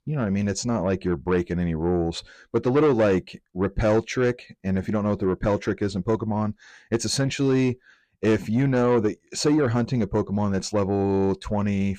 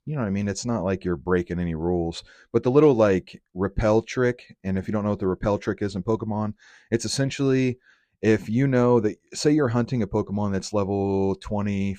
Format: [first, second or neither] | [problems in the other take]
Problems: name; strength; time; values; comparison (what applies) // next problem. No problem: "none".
second | distortion; slight; 10 dB below the speech